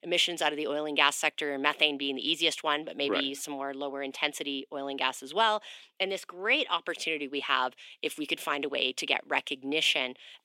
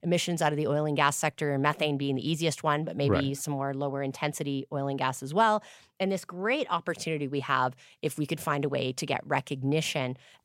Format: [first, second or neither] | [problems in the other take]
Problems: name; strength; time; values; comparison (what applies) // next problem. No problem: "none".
second | thin; very slightly; fading below 300 Hz